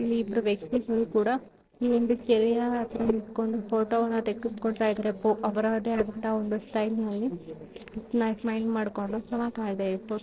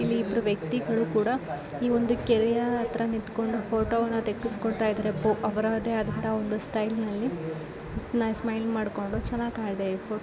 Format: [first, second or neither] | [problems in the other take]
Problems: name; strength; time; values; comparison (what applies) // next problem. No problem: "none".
second | noise reduction (neural separator model SepFormer DNS4)